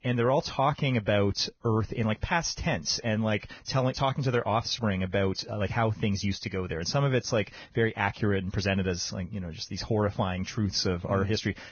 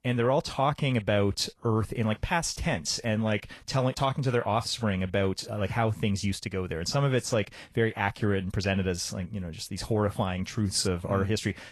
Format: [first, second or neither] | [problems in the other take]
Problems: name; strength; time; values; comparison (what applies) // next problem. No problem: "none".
second | garbled, watery; badly; nothing above 6.5 kHz; slightly in the second